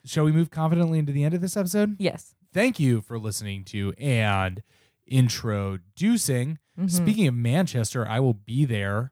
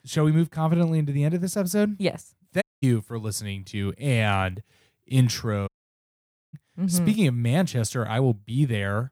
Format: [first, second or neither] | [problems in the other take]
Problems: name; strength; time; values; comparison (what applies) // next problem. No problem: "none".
first | audio cutting out; at 2.5 s and at 5.5 s for 1 s